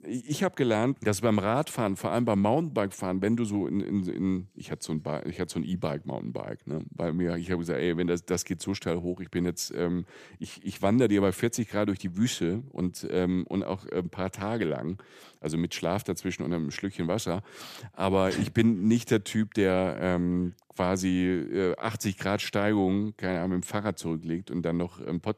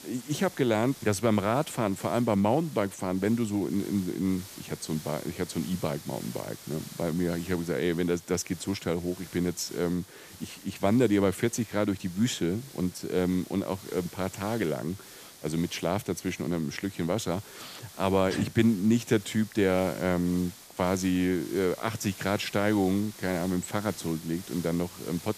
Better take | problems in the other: first | hiss; noticeable; throughout; 15 dB below the speech

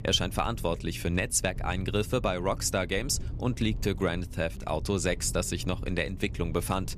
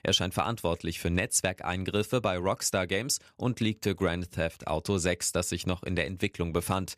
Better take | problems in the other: second | low rumble; faint; throughout; 20 dB below the speech

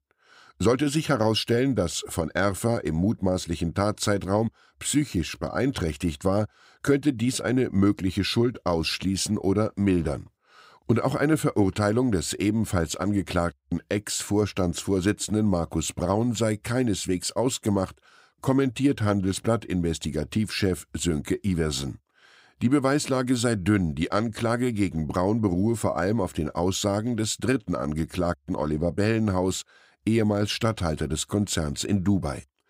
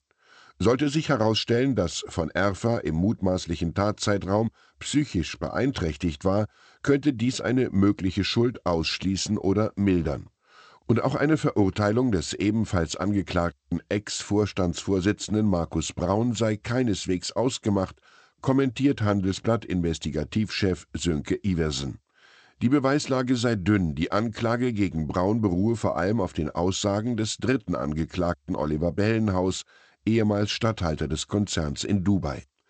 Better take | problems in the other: first | garbled, watery; slightly; nothing above 8 kHz

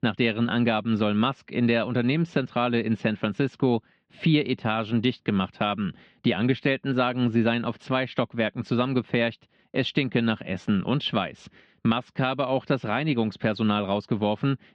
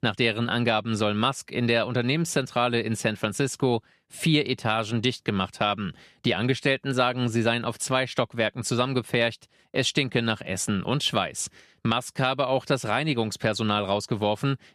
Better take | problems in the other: second | muffled; slightly; fading above 3.5 kHz

